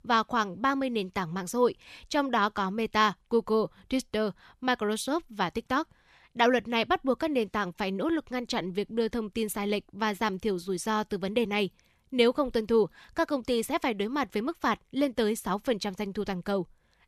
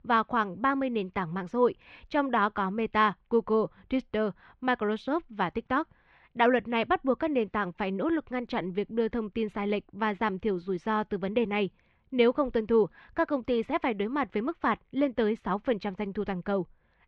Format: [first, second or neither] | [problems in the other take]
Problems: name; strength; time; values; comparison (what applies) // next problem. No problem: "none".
first | muffled; very; fading above 2.5 kHz